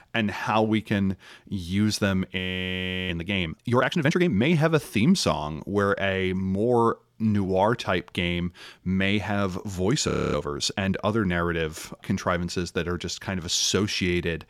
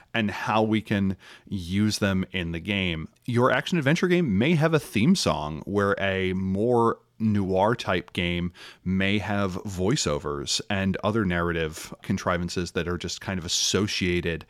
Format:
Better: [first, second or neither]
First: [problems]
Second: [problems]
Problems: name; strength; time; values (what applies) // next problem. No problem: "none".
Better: second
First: audio freezing; at 2.5 s for 0.5 s and at 10 s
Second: none